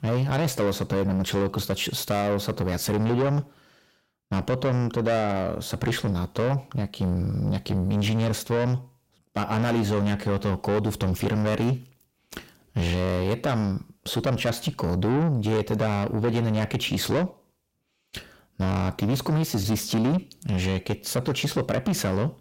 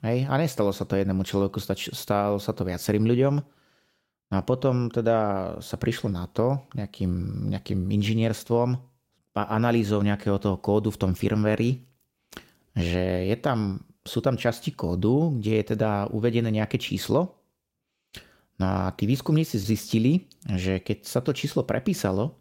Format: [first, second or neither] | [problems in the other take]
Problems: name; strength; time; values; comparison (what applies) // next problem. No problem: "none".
second | distortion; heavy; 7 dB below the speech